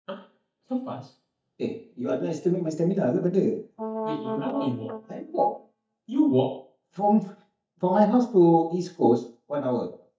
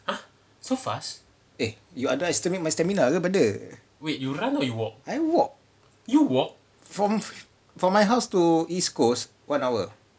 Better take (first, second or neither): second